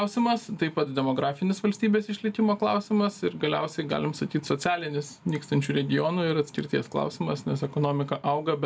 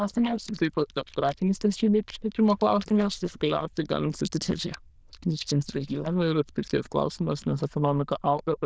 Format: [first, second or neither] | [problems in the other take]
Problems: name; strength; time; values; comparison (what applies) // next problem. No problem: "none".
first | noise reduction (neural diffusion model UNIVERSE++)